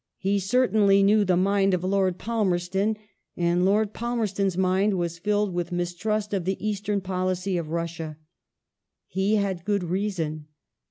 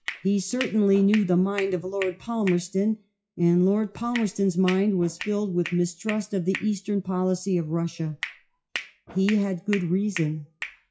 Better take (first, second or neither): first